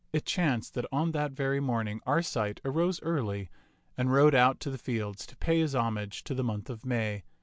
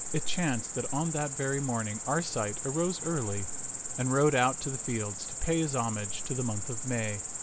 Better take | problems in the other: first | background sound (Cricket); 3 dB below the speech

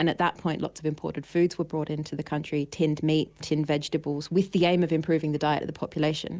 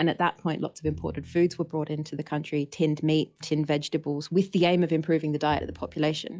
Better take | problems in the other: first | noise reduction (classical method log-MMSE)

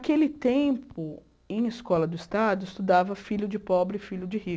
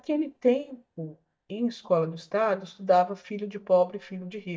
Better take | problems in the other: first | noise reduction (neural mask model DeepFilterNet 3)

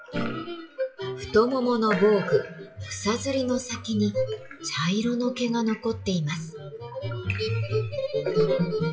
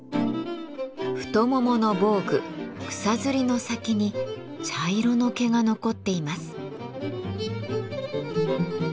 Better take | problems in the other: second | noise reduction (classical method WPE with log-MMSE)

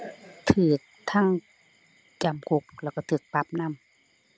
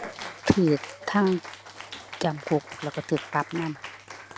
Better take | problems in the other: first | background sound (Cheering); 13 dB below the speech

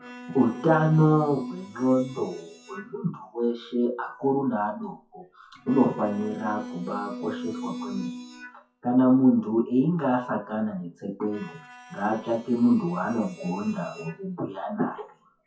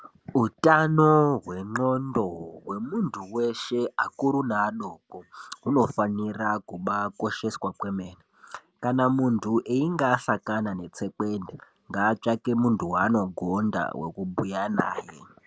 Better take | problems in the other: second | noise reduction (classical method WPE with log-MMSE)

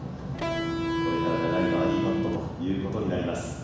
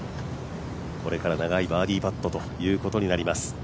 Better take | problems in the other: second | background sound (Electric guitar); 1 dB above the speech // room echo; dies away in 1.1 s

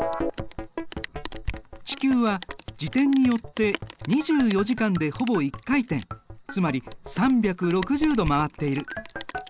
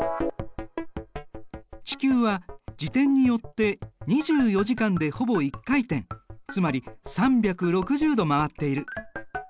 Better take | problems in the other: second | background sound (Rain); 15 dB below the speech

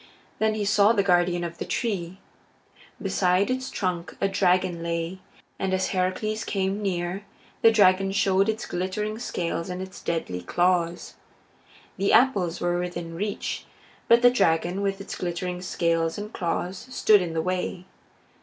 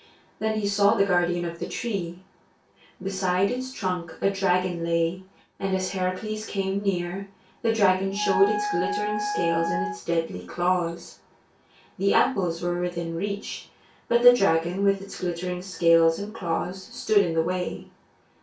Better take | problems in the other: first | background sound (Wind instrument, woodwind instrument); 5 dB below the speech // room echo; dies away in 0.2 s

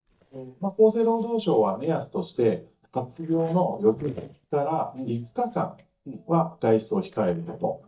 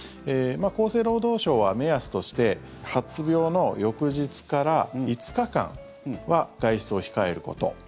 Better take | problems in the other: second | noise reduction (neural mask model DeepFilterNet 3)

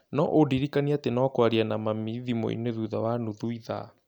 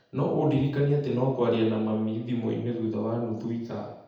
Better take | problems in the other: first | room echo; dies away in 0.8 s

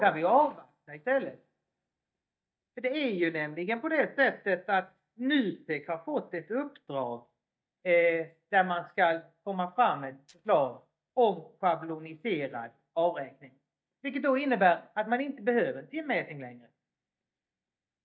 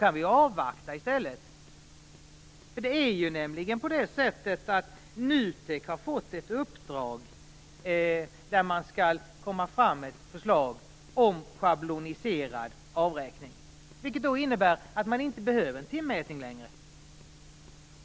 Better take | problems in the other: second | noise reduction (neural mask model DeepFilterNet 3)

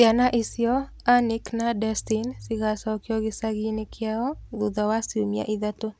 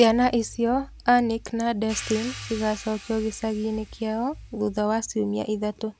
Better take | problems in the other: first | background sound (Hi-hat); 20 dB below the speech

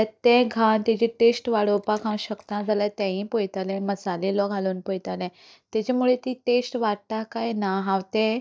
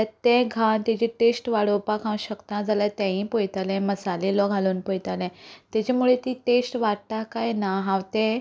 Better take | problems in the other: second | noise reduction (neural mask model DeepFilterNet 3)

